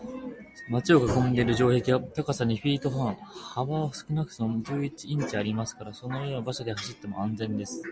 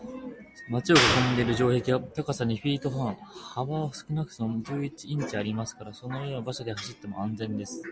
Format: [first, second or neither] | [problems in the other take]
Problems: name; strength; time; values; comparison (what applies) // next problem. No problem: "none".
first | background sound (Clapping); 3 dB below the speech